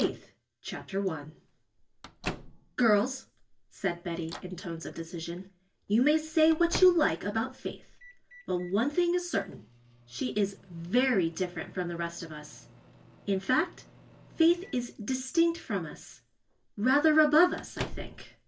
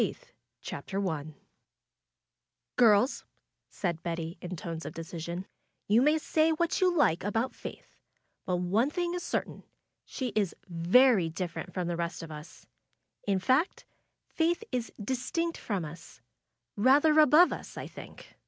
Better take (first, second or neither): second